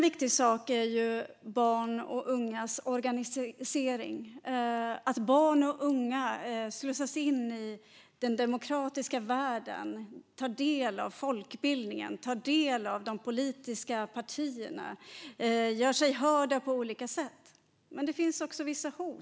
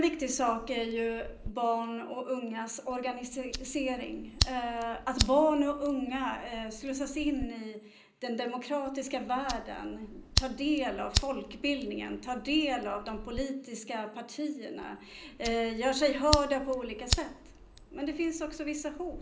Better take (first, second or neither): first